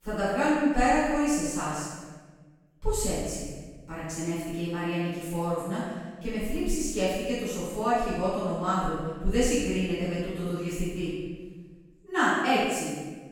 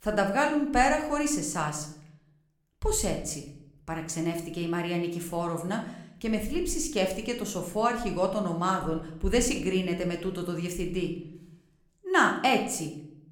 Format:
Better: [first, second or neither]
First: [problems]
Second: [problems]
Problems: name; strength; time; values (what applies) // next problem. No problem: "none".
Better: second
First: room echo; strong; dies away in 1.2 s // off-mic speech; far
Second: room echo; slight; dies away in 0.6 s